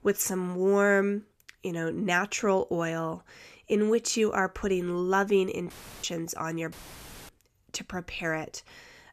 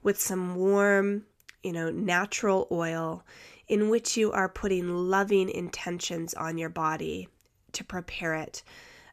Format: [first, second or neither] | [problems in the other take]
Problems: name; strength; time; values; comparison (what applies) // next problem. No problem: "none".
second | audio cutting out; filled with static; at 5.5 s and at 6.5 s for 0.5 s